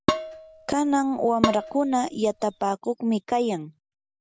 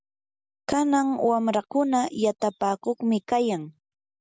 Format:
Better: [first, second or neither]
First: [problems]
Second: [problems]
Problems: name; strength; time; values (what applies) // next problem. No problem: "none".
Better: second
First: background sound (Dishes, pots, and pans); 5 dB below the speech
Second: none